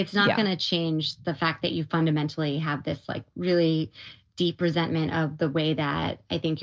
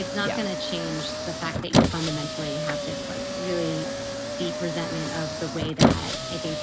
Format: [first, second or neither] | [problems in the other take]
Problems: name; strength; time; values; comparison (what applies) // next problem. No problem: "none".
first | background sound (Squeak); 4 dB above the speech